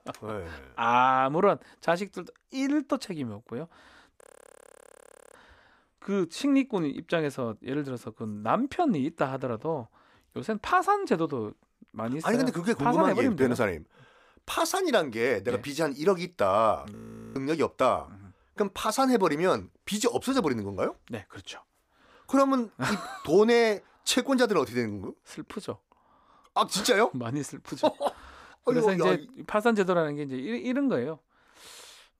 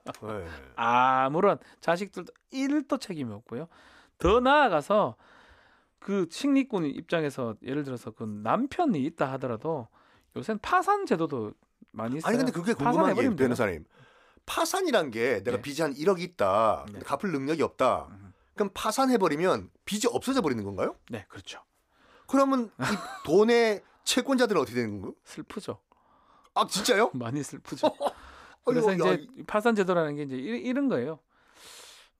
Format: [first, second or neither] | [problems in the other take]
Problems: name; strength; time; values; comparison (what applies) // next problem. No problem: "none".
second | audio freezing; at 4 s for 1 s and at 17 s